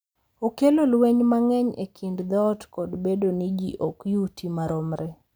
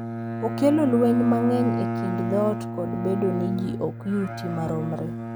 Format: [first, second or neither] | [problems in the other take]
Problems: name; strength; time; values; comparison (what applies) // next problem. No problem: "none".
first | background sound (Bowed string instrument); 4 dB below the speech